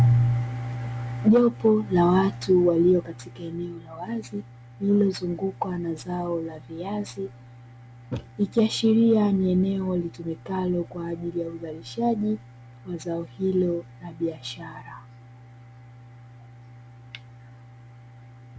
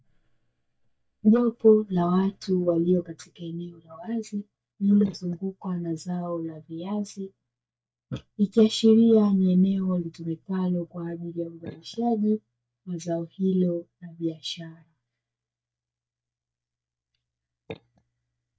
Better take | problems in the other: first | noise reduction (neural mask model DeepFilterNet 3)

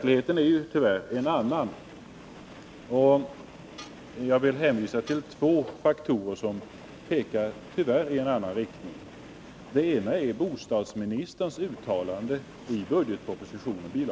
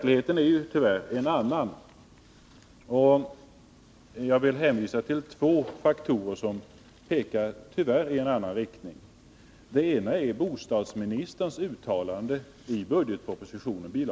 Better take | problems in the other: second | background sound (Tools + Train); 19 dB below the speech

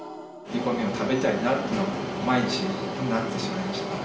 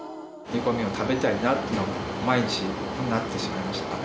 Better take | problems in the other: second | room echo; dies away in 2.8 s

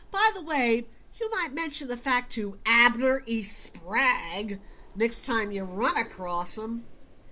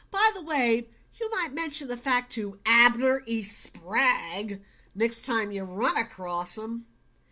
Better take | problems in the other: second | background sound (Wind); 15 dB below the speech

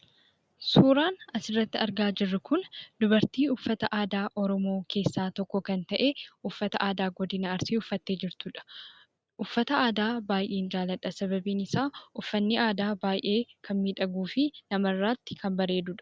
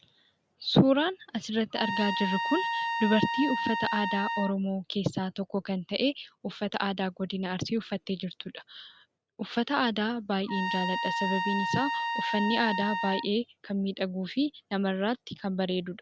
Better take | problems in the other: first | background sound (Trumpet); 2 dB below the speech

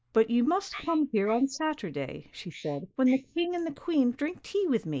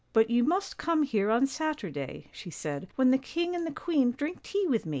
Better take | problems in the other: second | noise reduction (neural mask model Resemble Enhance denoiser)

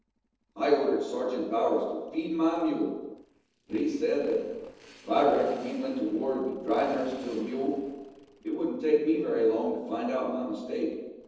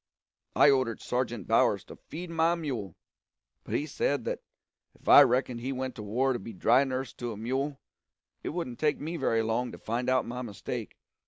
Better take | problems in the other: second | noise reduction (neural separator model SepFormer DNS4)

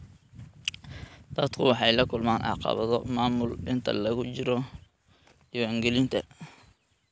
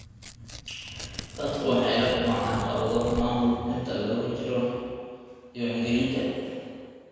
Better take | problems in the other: first | background sound (Tearing); 16 dB below the speech // room echo; dies away in 1.9 s

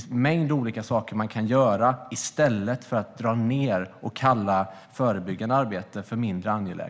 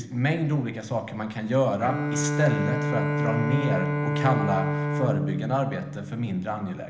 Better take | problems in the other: first | background sound (Bowed string instrument); 1 dB below the speech // room echo; dies away in 0.8 s

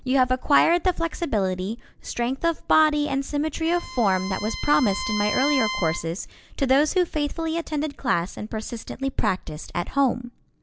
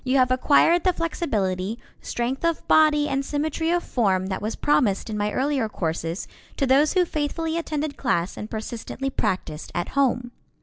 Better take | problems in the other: second | background sound (Bowed string instrument); 9 dB below the speech

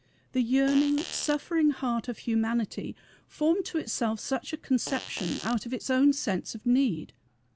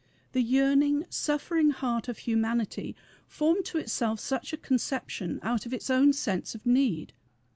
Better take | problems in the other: second | background sound (Fart); 11 dB below the speech

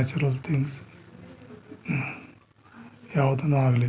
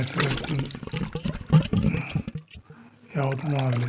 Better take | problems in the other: first | background sound (Gurgling); 2 dB above the speech

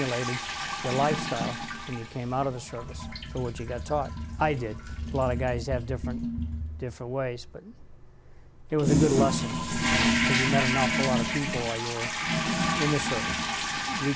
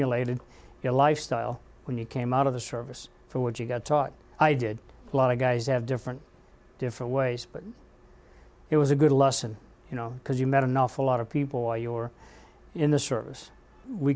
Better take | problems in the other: second | background sound (Toilet flush); 1 dB above the speech

